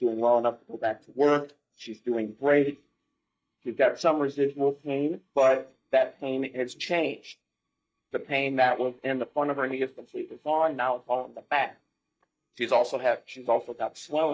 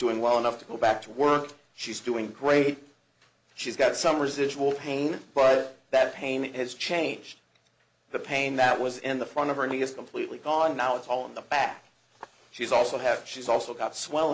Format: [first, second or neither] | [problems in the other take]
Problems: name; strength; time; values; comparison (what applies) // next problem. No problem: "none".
second | noise reduction (neural mask model DeepFilterNet 3)